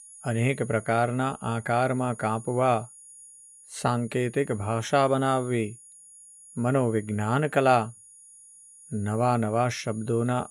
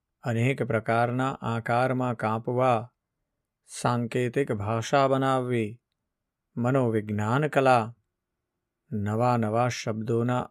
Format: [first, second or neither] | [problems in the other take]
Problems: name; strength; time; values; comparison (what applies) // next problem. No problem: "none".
second | high-pitched whine; faint; throughout; 10.5 kHz, 20 dB below the speech